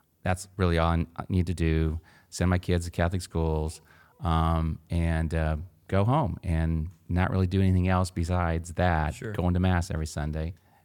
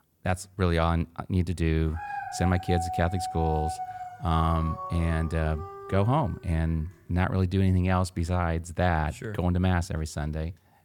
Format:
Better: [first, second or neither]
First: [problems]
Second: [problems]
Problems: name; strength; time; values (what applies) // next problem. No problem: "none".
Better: first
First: none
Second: dog barking; noticeable; from 2 to 6.5 s; peak 4 dB below the speech